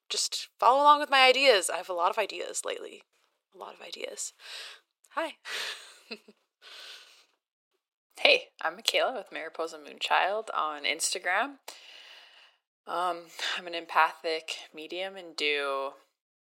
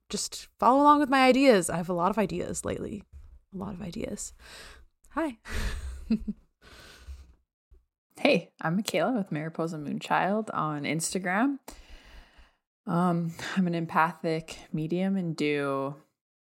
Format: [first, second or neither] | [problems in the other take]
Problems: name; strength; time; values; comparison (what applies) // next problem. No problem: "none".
second | thin; very; fading below 450 Hz